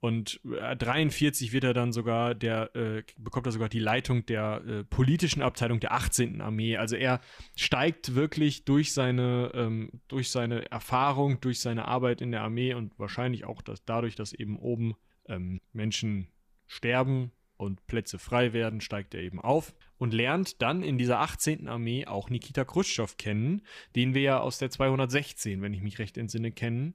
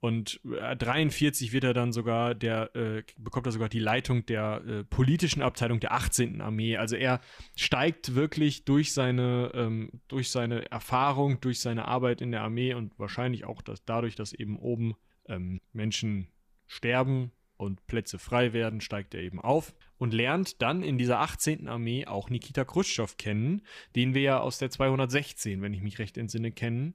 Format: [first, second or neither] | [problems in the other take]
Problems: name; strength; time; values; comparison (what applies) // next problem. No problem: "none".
neither | none